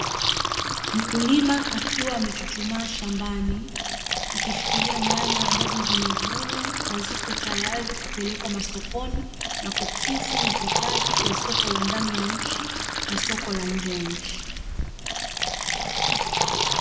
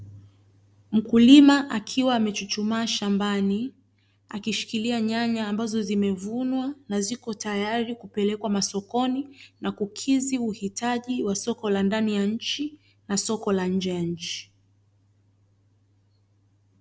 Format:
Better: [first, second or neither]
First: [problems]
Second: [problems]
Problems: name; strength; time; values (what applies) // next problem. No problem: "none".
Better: second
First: background sound (Fill (with liquid)); 4 dB above the speech // room echo; dies away in 1.4 s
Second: none